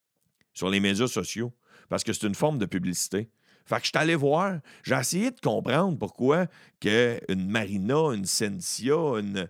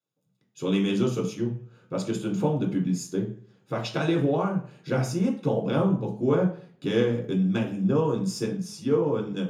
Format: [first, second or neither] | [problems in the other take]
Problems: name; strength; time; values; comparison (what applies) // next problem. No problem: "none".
first | room echo; slight; dies away in 0.7 s // off-mic speech; far